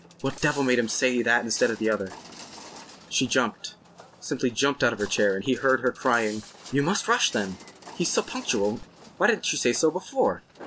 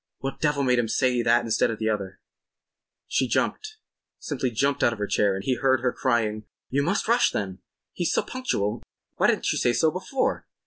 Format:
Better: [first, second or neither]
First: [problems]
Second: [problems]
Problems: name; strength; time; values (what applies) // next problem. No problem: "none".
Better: second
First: background sound (Walk, footsteps); 19 dB below the speech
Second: none